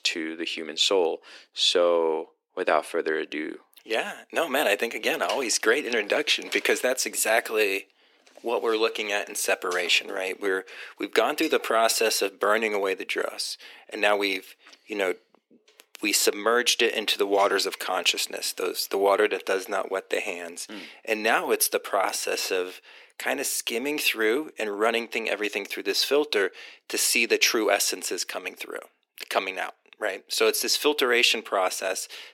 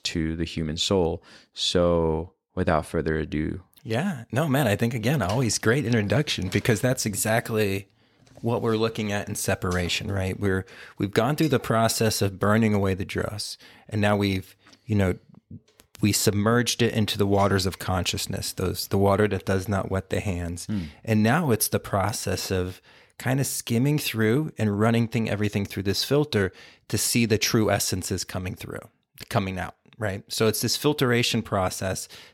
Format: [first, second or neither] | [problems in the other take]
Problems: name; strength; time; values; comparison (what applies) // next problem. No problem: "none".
second | thin; very; fading below 350 Hz